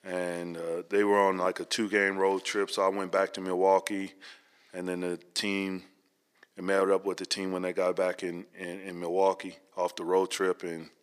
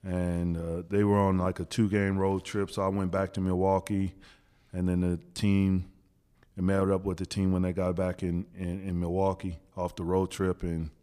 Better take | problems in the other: second | thin; somewhat; fading below 350 Hz

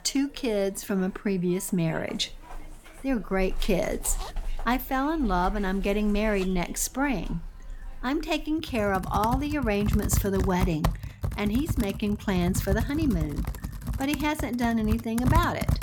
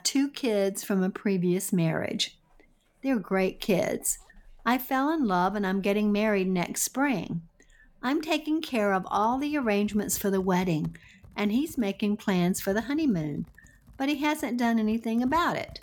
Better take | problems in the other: second | household noises; loud; throughout; 6 dB below the speech; faint in the second

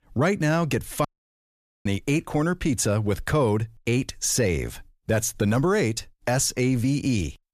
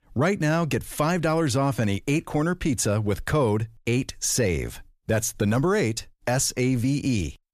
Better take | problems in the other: second | audio cutting out; at 1 s for 1 s

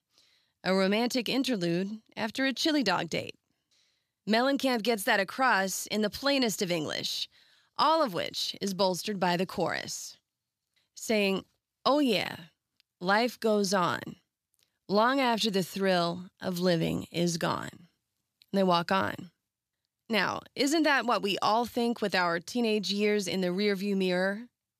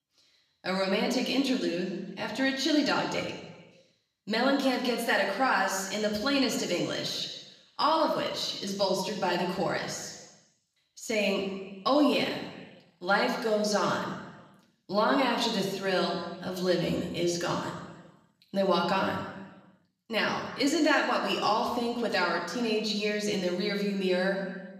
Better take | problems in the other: first | room echo; noticeable; dies away in 1.1 s // off-mic speech; somewhat distant

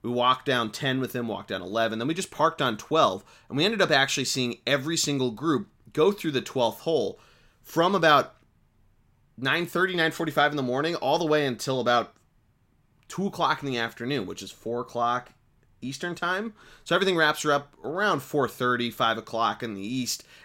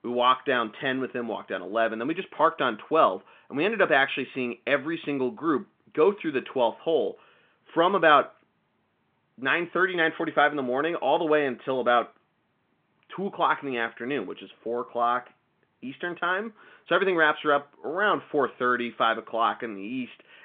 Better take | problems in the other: first | phone-call audio; nothing above 3.5 kHz

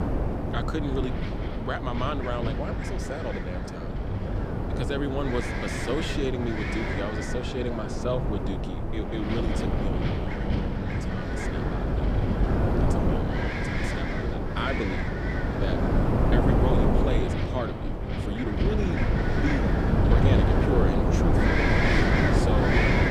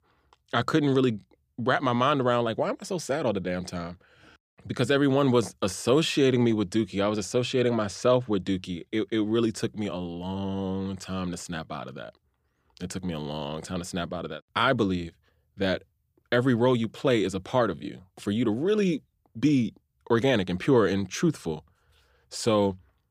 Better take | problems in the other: second | wind noise on the microphone; heavy; 4 dB above the speech

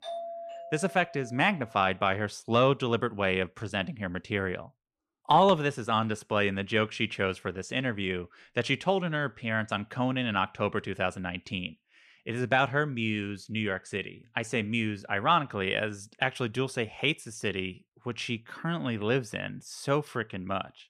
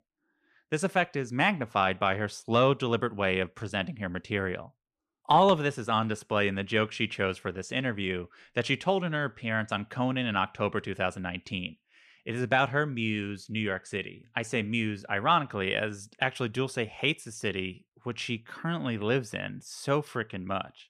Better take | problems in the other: second | doorbell; noticeable; until 1.5 s; peak 8 dB below the speech

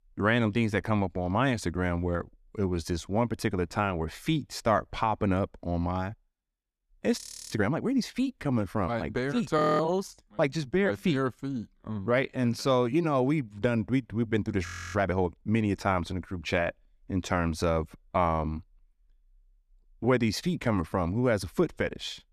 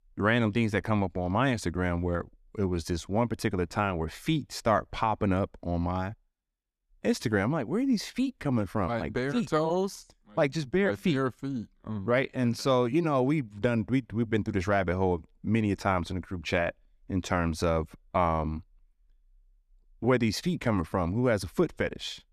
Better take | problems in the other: second | audio freezing; at 7 s, at 9.5 s and at 15 s

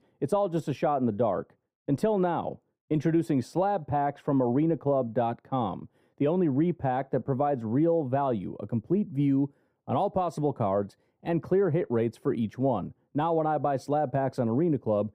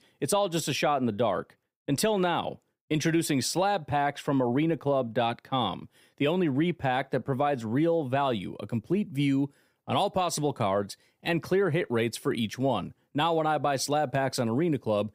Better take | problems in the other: second | muffled; very; fading above 1.5 kHz

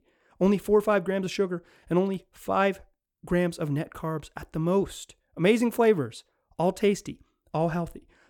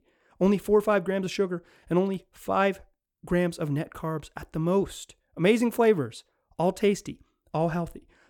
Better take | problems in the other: neither | none

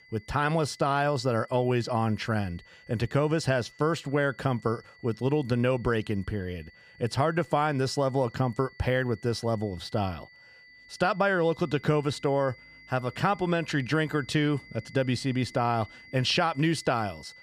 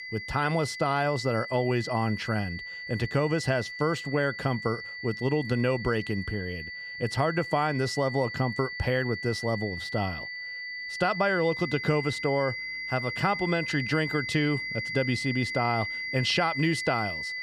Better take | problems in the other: first | high-pitched whine; loud; throughout; 2 kHz, 6 dB below the speech; faint in the first

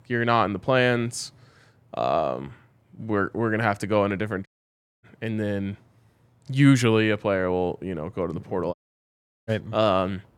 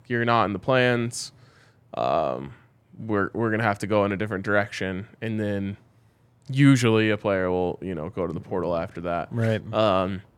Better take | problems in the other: second | audio cutting out; at 4.5 s for 0.5 s and at 8.5 s for 0.5 s

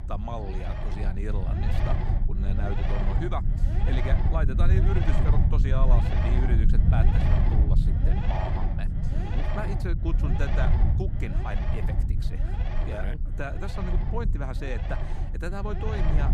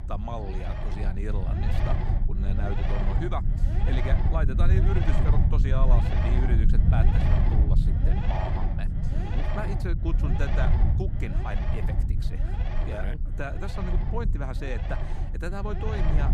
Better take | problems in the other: neither | low rumble; loud; throughout; 1 dB below the speech; the same in both

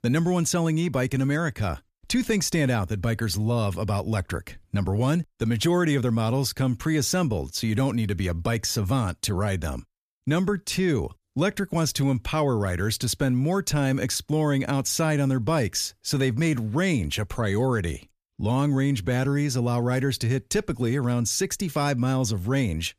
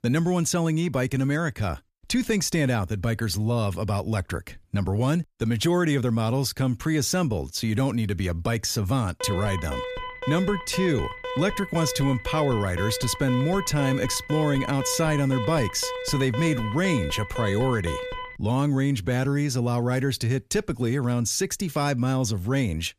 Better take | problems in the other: first | alarm; noticeable; from 9 to 18 s; peak 7 dB below the speech

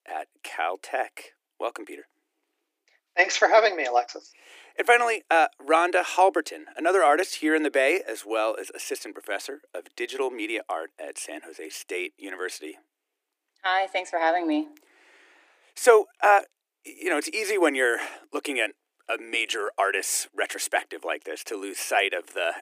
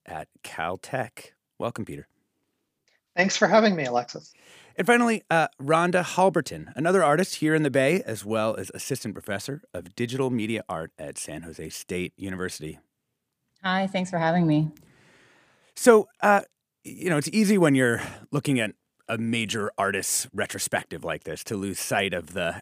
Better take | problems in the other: second | thin; very; fading below 300 Hz

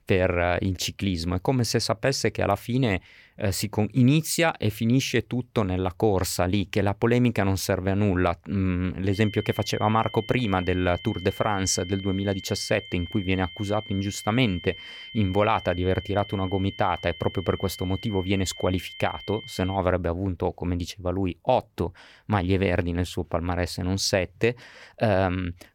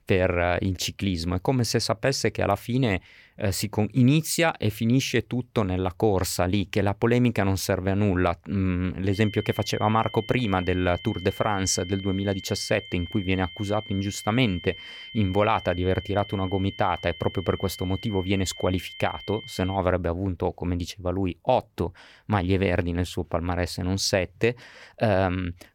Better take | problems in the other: neither | high-pitched whine; noticeable; from 9 to 20 s; 3 kHz, 15 dB below the speech; the same in both

